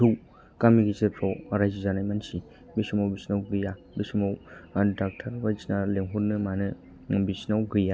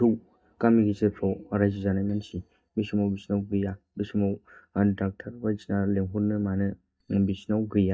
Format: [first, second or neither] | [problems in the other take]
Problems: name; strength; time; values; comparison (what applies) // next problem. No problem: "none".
first | noise reduction (neural mask model DeepFilterNet 3)